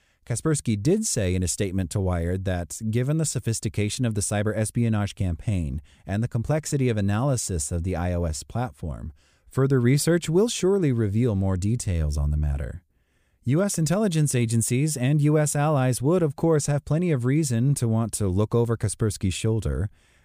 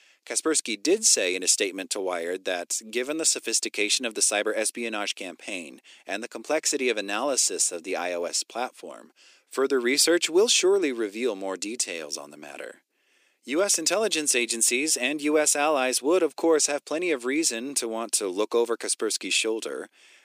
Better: first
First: none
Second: thin; very; fading below 300 Hz

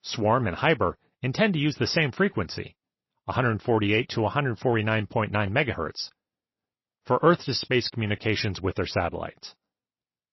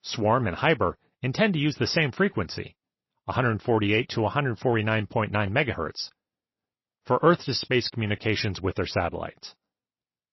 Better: neither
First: garbled, watery; slightly; nothing above 5.5 kHz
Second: garbled, watery; slightly; nothing above 5.5 kHz

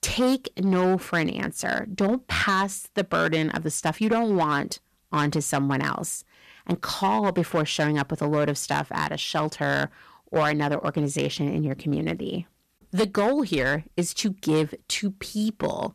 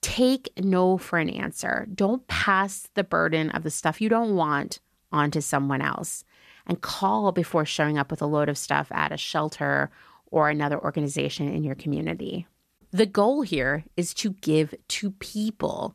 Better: second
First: distortion; slight; 5% of the sound clipped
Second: none

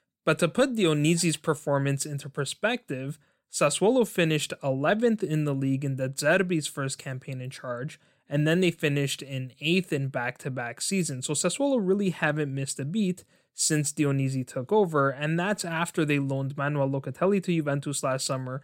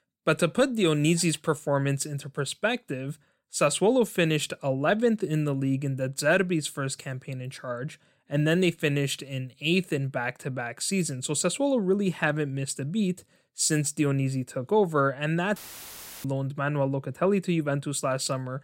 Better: first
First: none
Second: audio cutting out; filled with static; at 16 s for 0.5 s

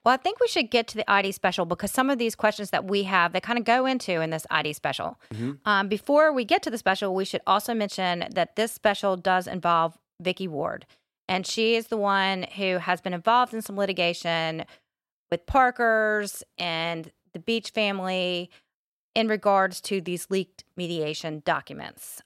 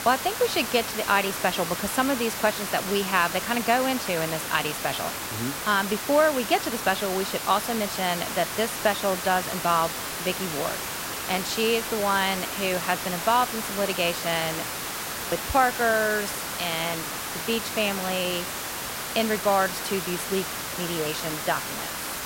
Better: first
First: none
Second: hiss; loud; throughout; 4 dB below the speech

